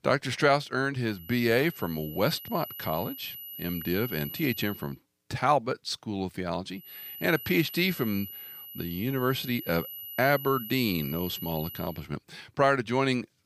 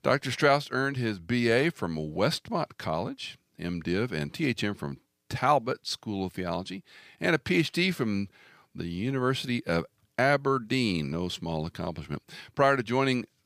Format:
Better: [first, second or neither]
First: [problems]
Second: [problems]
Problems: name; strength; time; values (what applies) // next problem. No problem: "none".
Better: second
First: high-pitched whine; noticeable; from 1 to 5 s and from 7 to 12 s; 12 kHz, 10 dB below the speech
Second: none